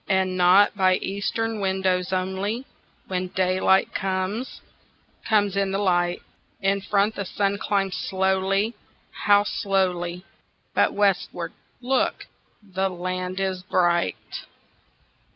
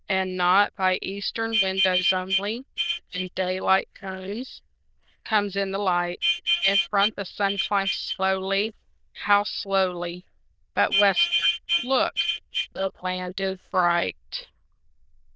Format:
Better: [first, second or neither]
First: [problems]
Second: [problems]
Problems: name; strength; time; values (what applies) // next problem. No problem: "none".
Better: first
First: none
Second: noise reduction (neural diffusion model UNIVERSE++)